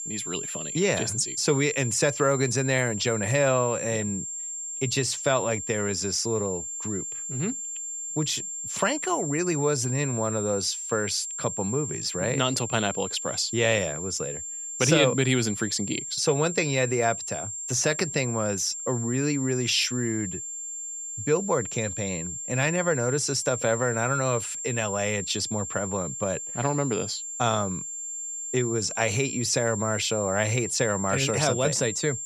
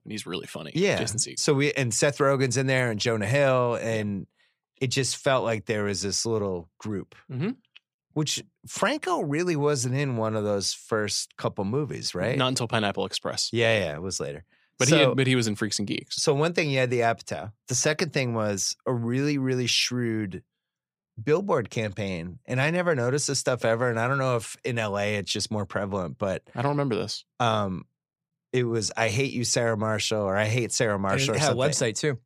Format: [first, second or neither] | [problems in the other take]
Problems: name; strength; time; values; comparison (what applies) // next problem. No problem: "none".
second | high-pitched whine; loud; throughout; 7.5 kHz, 5 dB below the speech